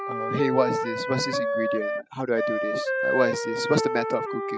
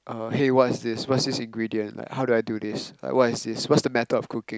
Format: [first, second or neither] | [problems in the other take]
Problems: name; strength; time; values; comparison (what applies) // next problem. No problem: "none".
second | noise reduction (classical method spectral subtraction)